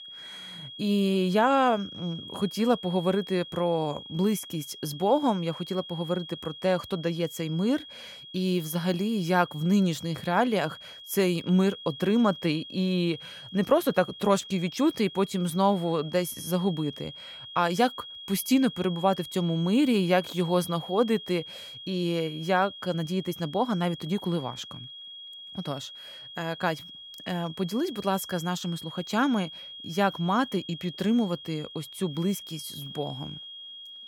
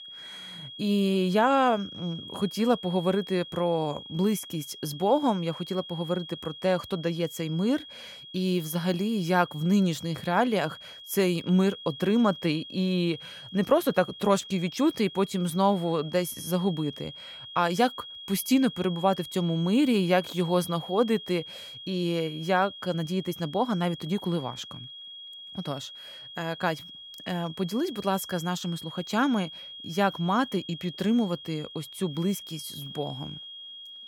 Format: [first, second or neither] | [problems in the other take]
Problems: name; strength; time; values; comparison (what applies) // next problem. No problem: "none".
neither | high-pitched whine; noticeable; throughout; 3.5 kHz, 15 dB below the speech; the same in both